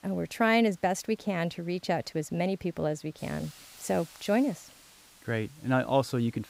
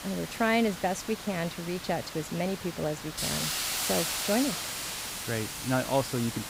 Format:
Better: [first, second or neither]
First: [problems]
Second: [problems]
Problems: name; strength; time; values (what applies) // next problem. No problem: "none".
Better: first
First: hiss; faint; throughout; 25 dB below the speech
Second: hiss; loud; throughout; 2 dB below the speech